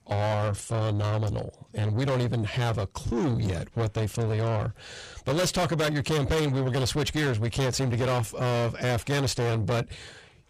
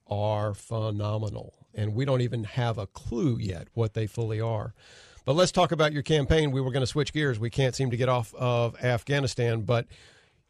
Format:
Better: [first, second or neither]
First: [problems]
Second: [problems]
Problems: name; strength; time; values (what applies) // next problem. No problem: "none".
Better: second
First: distortion; heavy; 6 dB below the speech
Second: none